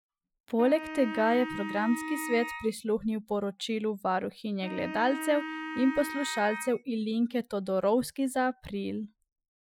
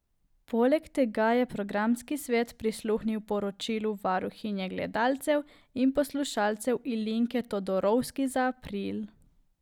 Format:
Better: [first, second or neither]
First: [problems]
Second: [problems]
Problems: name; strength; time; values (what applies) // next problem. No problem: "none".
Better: second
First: noise reduction (classical method Wiener filter)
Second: none